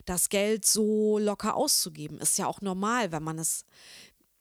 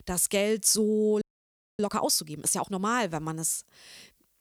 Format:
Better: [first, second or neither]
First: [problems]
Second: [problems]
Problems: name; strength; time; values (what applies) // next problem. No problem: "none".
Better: first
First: none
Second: audio freezing; at 1 s for 0.5 s